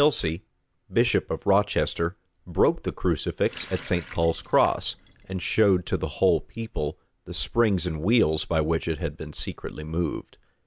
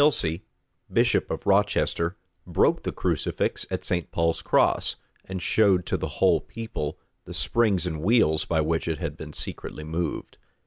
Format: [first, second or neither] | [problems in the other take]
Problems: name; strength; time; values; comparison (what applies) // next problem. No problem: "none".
second | background sound (Water tap, faucet); 19 dB below the speech